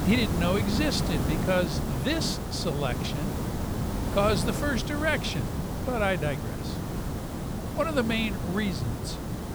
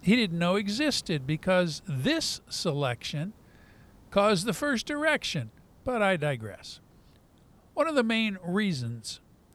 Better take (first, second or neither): second